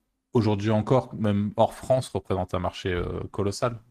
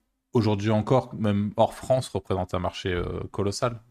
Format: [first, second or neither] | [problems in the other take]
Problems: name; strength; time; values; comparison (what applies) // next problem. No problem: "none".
second | garbled, watery; slightly; nothing above 15 kHz